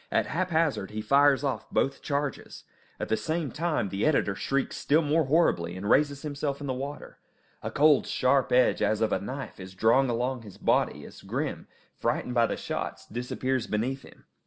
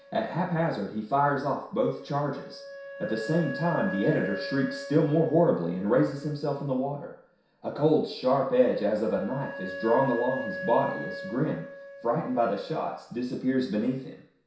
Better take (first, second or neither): first